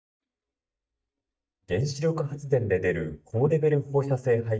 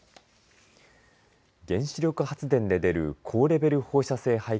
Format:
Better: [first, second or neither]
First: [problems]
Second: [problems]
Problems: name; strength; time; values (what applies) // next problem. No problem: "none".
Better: second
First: noise reduction (neural mask model DeepFilterNet 3)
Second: none